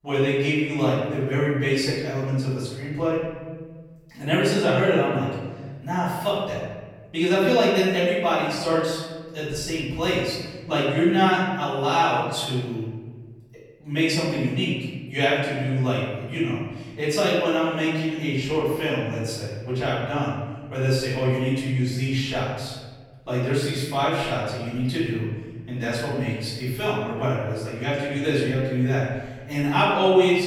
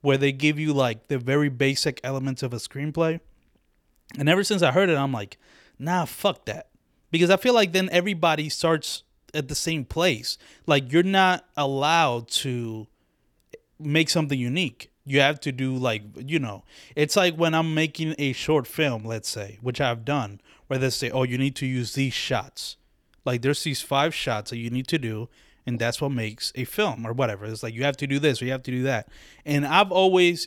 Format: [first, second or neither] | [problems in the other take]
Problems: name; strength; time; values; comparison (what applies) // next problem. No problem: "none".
second | room echo; strong; dies away in 1.3 s // off-mic speech; far